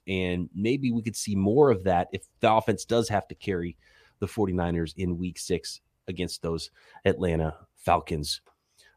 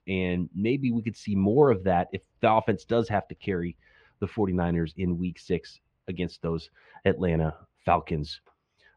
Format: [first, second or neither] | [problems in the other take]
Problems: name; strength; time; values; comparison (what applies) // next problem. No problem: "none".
first | muffled; slightly; fading above 2.5 kHz